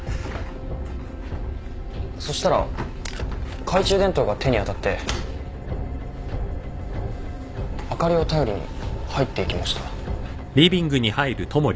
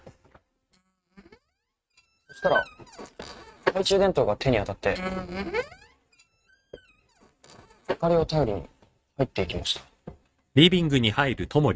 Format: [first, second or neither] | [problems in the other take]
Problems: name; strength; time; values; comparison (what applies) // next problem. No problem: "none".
first | noise reduction (neural mask model RNNoise)